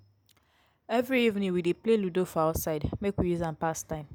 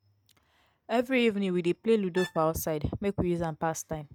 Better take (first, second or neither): first